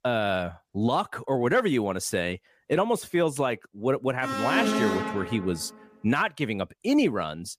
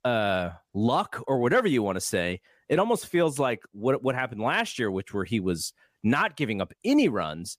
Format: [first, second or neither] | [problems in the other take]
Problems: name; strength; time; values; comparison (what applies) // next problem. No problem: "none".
second | alarm; loud; from 4 to 5.5 s; peak 2 dB above the speech